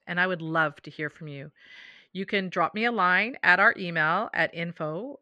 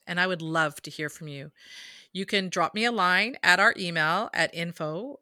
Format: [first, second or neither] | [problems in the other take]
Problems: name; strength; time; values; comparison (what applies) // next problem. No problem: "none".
second | muffled; slightly; fading above 2 kHz